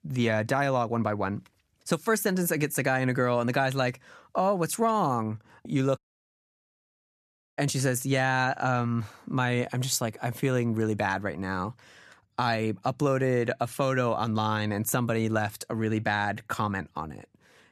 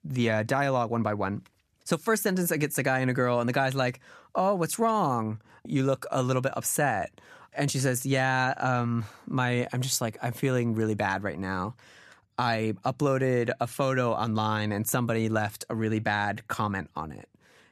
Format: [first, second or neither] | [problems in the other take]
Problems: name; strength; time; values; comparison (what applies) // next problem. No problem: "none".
second | audio cutting out; at 6 s for 1.5 s